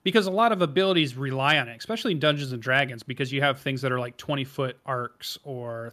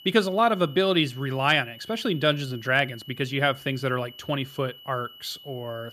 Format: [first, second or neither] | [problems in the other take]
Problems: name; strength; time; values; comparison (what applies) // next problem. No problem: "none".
first | high-pitched whine; noticeable; throughout; 3 kHz, 20 dB below the speech